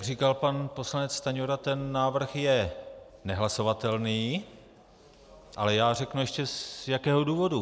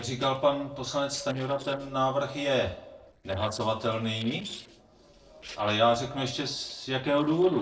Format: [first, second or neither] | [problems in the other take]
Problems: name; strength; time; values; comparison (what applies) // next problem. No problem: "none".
first | noise reduction (neural separator model SepFormer DNS4)